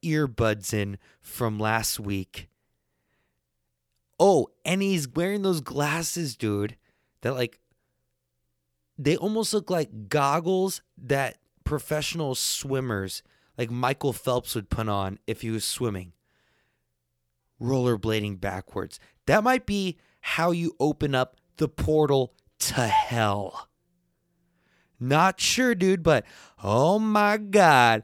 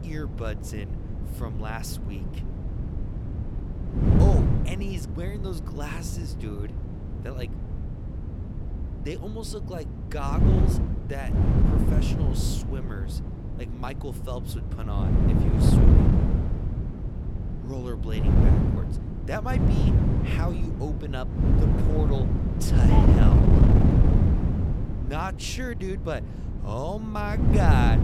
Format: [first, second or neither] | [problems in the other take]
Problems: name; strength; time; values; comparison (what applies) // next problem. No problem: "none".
first | wind noise on the microphone; heavy; 1 dB above the speech